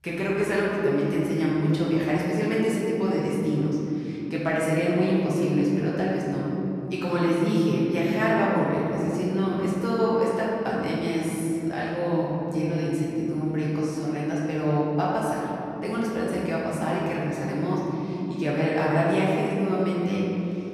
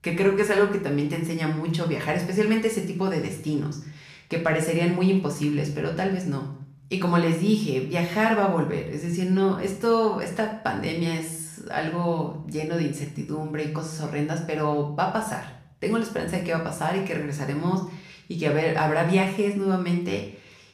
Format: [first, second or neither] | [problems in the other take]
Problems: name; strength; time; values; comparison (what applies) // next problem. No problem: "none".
second | room echo; strong; dies away in 3 s; slight in the second // off-mic speech; far; somewhat distant in the second